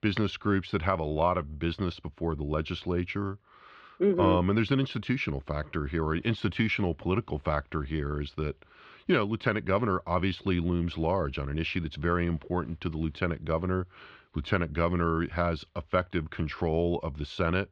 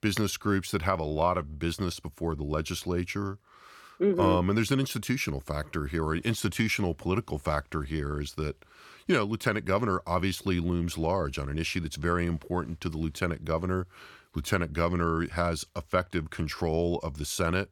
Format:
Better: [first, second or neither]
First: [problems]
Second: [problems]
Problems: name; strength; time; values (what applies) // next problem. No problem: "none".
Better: second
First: muffled; slightly; fading above 3.5 kHz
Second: none